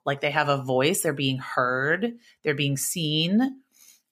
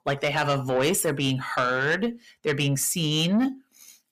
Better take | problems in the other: first | distortion; slight; 10 dB below the speech

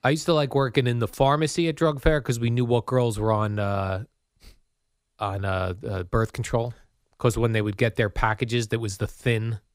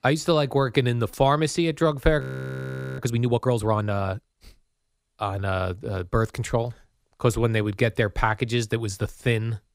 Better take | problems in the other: first | audio freezing; at 2 s for 1 s

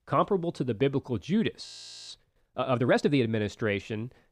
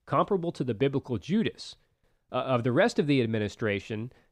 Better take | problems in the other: second | audio freezing; at 1.5 s

